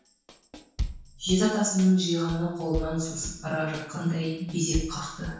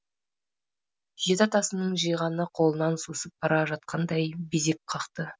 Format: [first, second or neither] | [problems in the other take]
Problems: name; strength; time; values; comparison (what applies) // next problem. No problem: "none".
second | background sound (Bass drum / Snare drum / Drum kit); 10 dB below the speech // room echo; dies away in 0.6 s